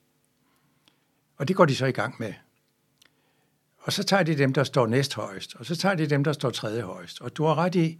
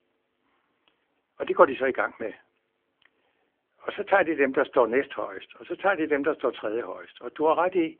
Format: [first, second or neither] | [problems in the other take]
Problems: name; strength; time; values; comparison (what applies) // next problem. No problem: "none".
first | phone-call audio